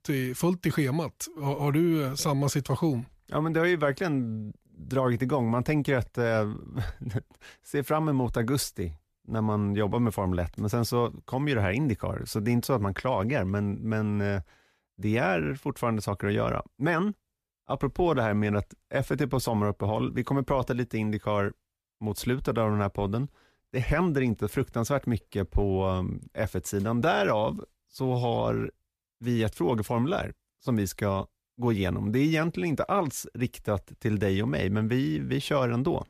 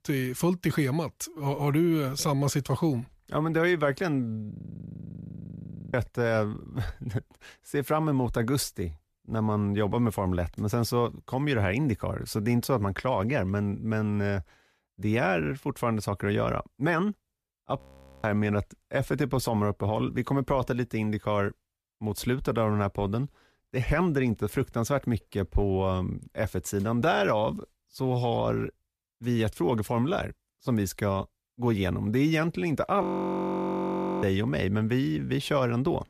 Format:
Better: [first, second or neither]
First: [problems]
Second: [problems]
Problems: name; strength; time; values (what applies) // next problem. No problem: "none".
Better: first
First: none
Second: audio freezing; at 4.5 s for 1.5 s, at 18 s and at 33 s for 1 s